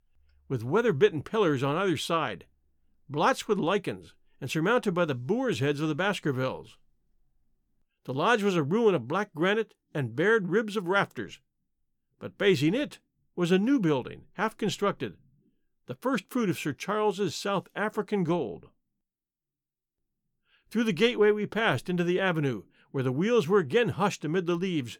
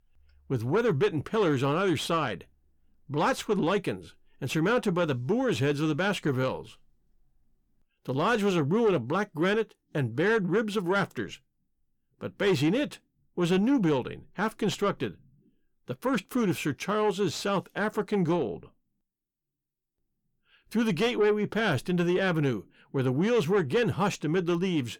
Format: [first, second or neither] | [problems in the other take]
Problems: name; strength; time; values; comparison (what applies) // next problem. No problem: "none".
first | distortion; slight; 10 dB below the speech